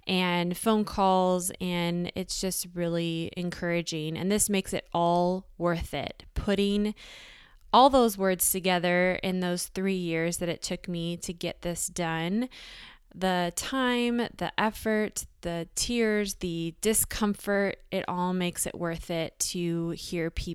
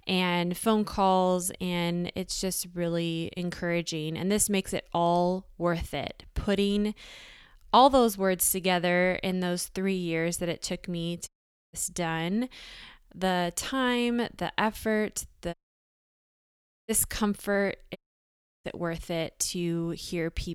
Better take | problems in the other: first | audio cutting out; at 11 s, at 16 s for 1.5 s and at 18 s for 0.5 s

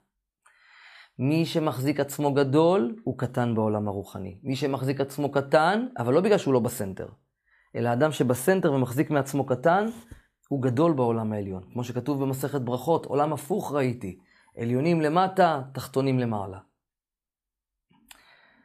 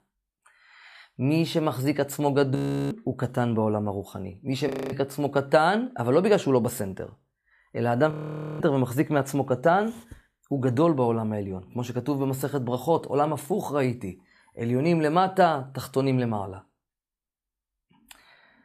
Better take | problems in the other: first | audio freezing; at 2.5 s, at 4.5 s and at 8 s

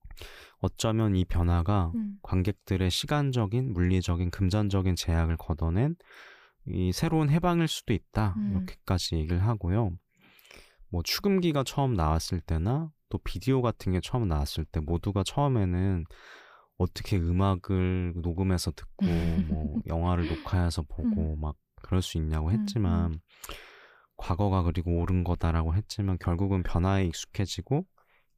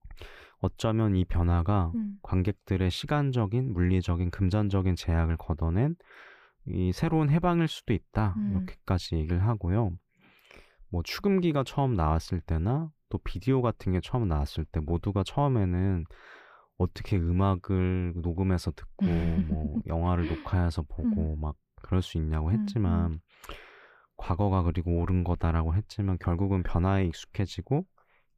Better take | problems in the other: first | muffled; slightly; fading above 3.5 kHz

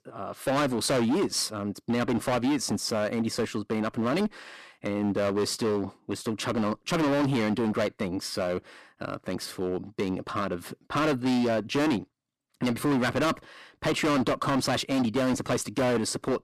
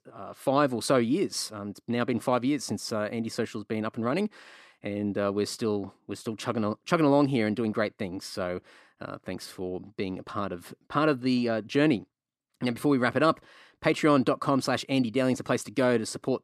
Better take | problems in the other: second | distortion; heavy; 17% of the sound clipped

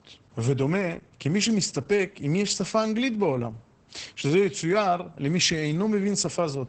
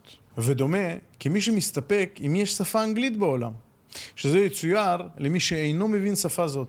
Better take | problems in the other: second | garbled, watery; badly; nothing above 8 kHz; slightly in the second

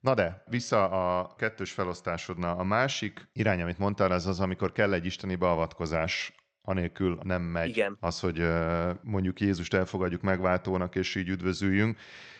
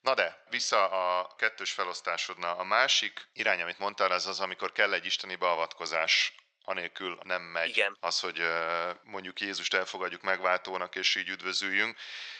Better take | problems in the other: first | thin; very; fading below 700 Hz

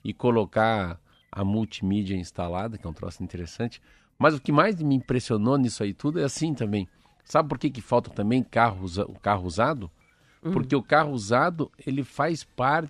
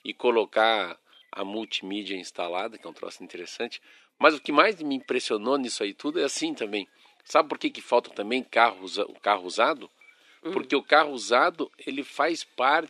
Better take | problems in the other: first | thin; somewhat; fading below 350 Hz

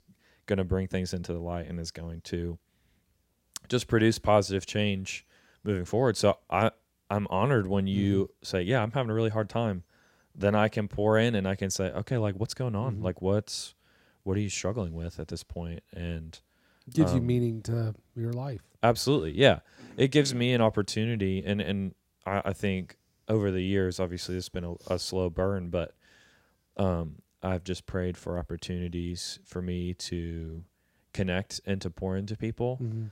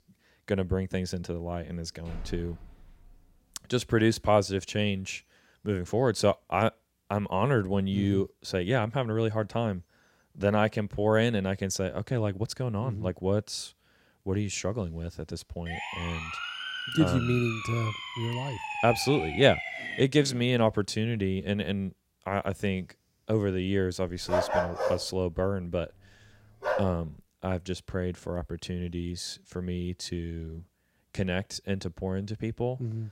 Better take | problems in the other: first | door banging; faint; from 2 to 3 s; peak 15 dB below the speech // siren; noticeable; from 16 to 20 s; peak 3 dB below the speech // dog barking; loud; from 24 to 27 s; peak 2 dB above the speech

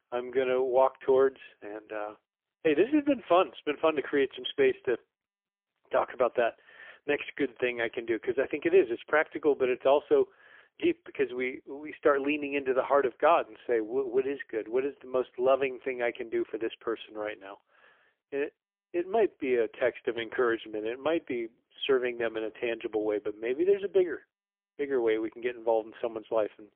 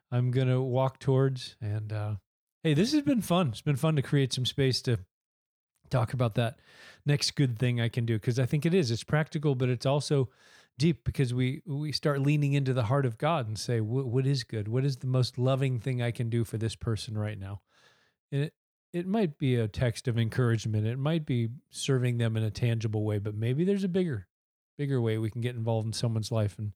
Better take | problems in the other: second | phone-call audio; poor line; nothing above 3.5 kHz

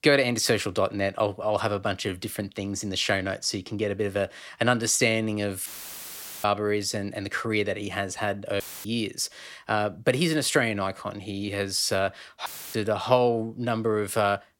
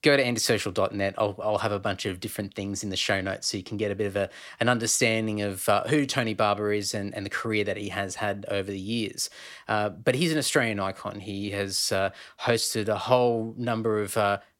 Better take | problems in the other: second | audio cutting out; filled with static; at 5.5 s for 1 s, at 8.5 s and at 12 s

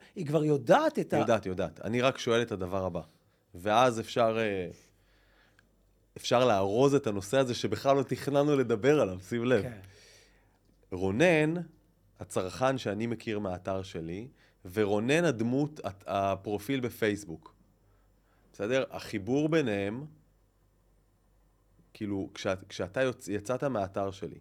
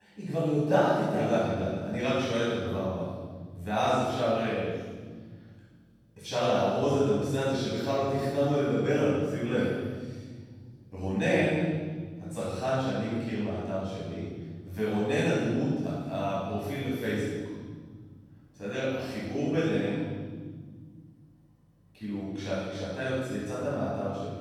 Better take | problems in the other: first | off-mic speech; far // room echo; strong; dies away in 1.8 s

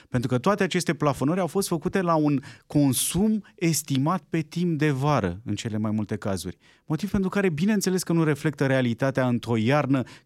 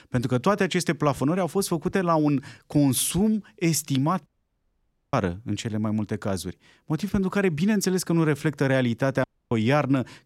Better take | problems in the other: first | audio cutting out; at 4.5 s for 1 s and at 9 s

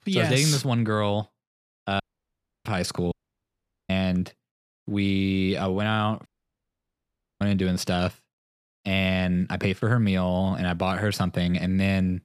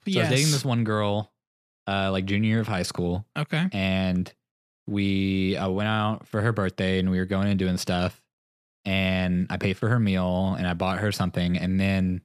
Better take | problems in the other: second | audio cutting out; at 2 s for 0.5 s, at 3 s for 1 s and at 6.5 s for 1 s

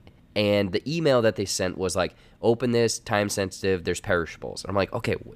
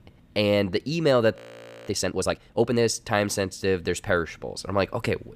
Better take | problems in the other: first | audio freezing; at 1.5 s for 0.5 s

